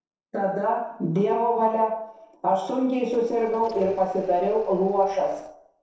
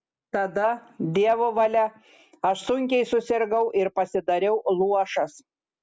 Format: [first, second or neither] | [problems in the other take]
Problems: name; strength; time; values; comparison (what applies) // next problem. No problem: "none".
second | noise reduction (neural separator model SepFormer DNS4)